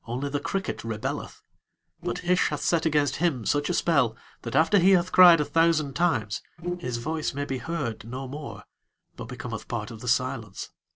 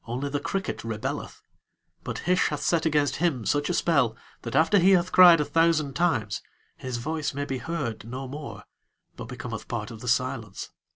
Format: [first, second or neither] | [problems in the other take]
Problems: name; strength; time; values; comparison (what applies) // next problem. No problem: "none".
second | noise reduction (neural separator model SepFormer DNS4)